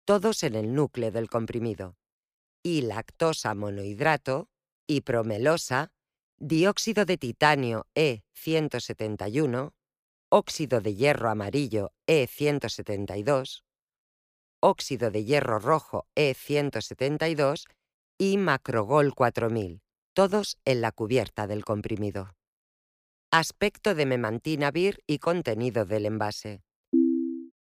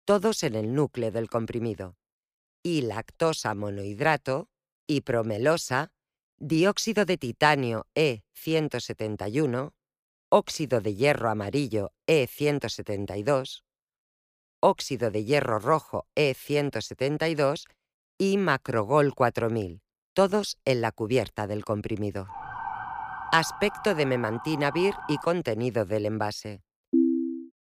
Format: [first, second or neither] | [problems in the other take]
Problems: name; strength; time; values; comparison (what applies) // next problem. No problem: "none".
first | siren; noticeable; from 22 to 25 s; peak 8 dB below the speech